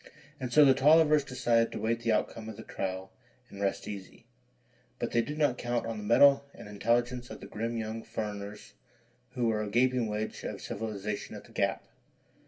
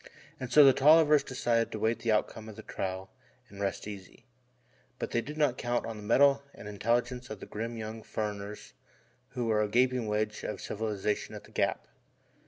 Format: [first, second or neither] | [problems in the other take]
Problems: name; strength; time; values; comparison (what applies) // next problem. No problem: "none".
second | room echo; dies away in 0.2 s